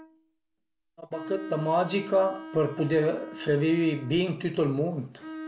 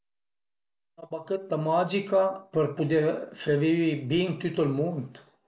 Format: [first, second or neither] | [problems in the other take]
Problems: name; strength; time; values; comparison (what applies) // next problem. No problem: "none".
second | background sound (Bowed string instrument); 15 dB below the speech